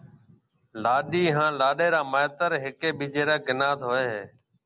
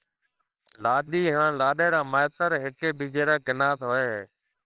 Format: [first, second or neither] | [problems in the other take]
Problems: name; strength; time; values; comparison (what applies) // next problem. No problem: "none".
first | noise reduction (neural separator model SepFormer WHAMR!)